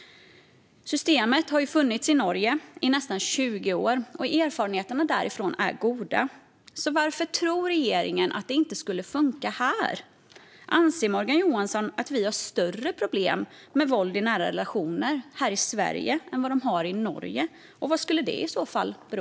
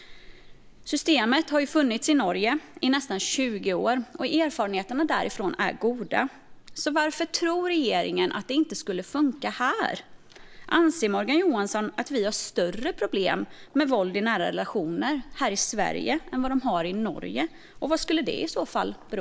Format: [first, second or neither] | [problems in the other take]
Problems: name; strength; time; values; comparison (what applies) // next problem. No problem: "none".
first | background sound (Ocean); 19 dB below the speech